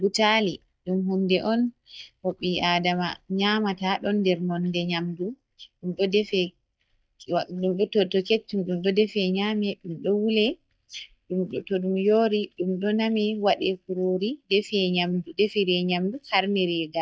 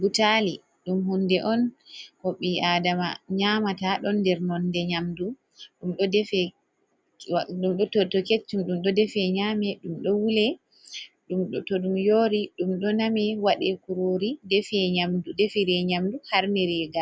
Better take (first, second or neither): second